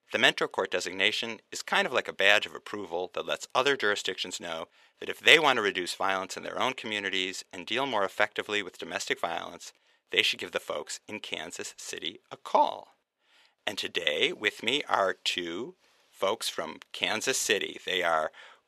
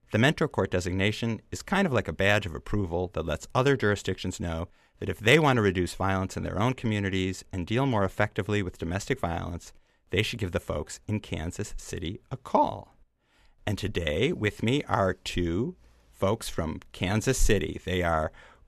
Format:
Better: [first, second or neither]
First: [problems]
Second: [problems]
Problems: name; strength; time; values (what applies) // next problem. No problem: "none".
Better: second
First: thin; very; fading below 450 Hz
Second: none